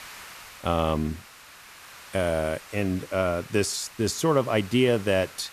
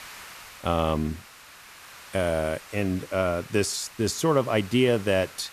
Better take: neither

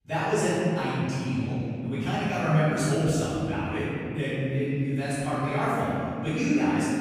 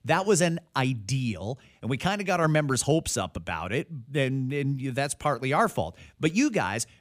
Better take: second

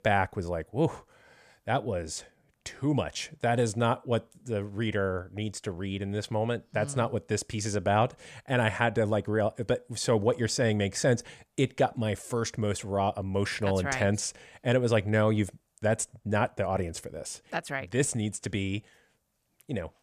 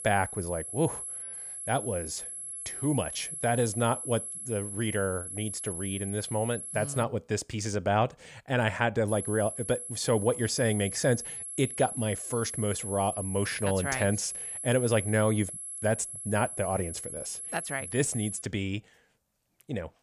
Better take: first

